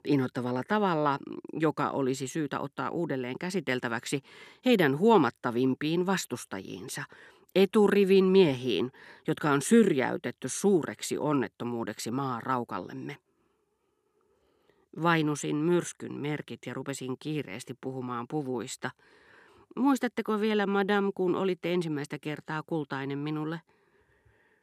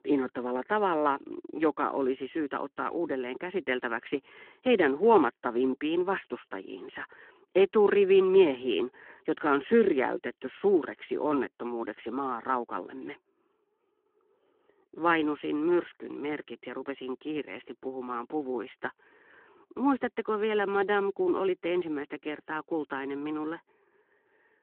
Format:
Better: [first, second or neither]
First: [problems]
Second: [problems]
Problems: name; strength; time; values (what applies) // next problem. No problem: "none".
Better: first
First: none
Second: phone-call audio